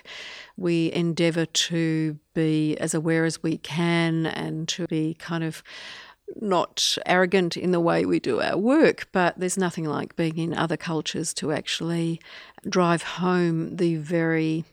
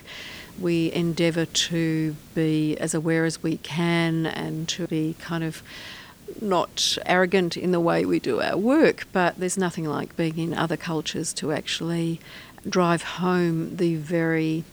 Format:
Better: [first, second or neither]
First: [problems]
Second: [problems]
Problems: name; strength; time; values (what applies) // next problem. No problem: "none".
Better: first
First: none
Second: hiss; faint; throughout; 25 dB below the speech